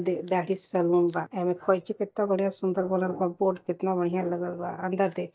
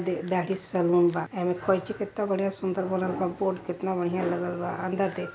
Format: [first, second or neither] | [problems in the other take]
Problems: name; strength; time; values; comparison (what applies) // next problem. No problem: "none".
second | noise reduction (neural mask model DeepFilterNet 3)